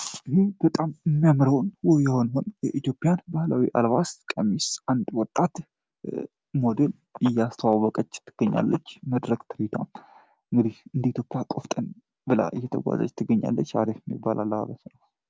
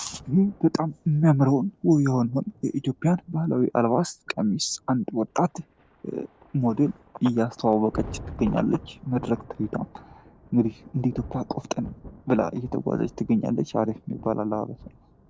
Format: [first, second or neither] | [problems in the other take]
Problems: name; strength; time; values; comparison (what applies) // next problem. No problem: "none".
first | background sound (Thunder); 20 dB below the speech